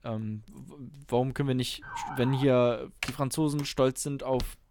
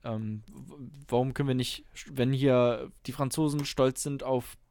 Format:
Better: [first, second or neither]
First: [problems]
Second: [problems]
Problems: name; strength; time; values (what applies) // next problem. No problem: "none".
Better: second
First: siren; noticeable; at 2 s; peak 9 dB below the speech // keyboard typing; noticeable; at 3 s; peak 8 dB below the speech // footsteps; very faint; at 4.5 s; peak 15 dB below the speech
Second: none